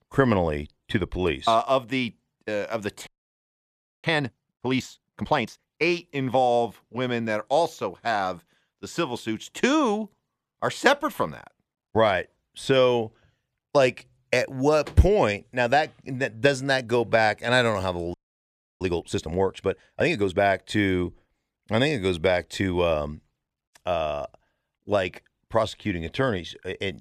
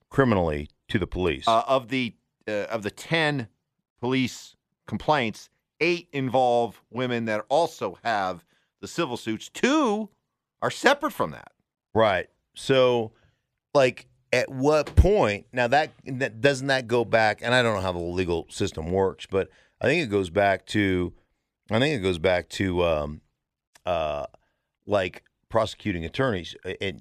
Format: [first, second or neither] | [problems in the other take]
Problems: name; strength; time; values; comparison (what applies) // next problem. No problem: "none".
second | audio freezing; at 3 s for 1 s and at 18 s for 0.5 s